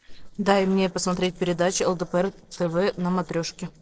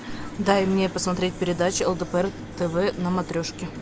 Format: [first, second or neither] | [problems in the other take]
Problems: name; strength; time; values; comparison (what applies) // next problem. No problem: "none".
second | noise reduction (neural separator model SepFormer DNS4)